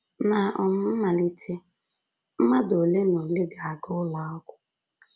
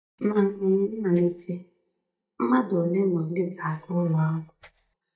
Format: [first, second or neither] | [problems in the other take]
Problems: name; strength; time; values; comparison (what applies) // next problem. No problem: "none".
first | noise reduction (neural mask model DeepFilterNet 3)